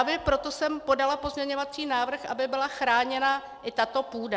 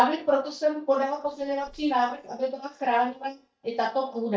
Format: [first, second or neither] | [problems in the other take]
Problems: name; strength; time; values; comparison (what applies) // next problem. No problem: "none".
first | noise reduction (neural mask model DeepFilterNet 3)